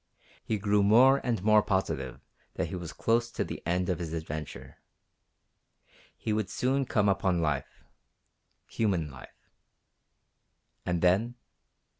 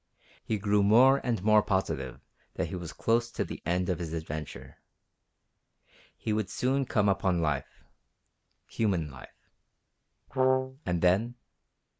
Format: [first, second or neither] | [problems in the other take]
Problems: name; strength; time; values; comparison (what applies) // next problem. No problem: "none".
first | noise reduction (neural mask model Resemble Enhance denoiser)